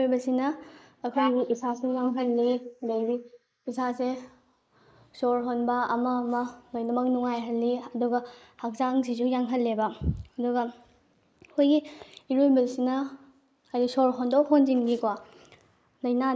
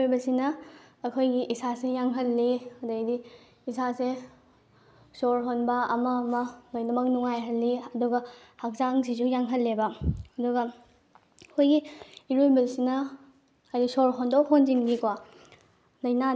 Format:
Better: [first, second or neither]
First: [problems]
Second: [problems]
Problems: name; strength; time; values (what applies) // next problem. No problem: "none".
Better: second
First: noise reduction (neural mask model Resemble Enhance denoiser)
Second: none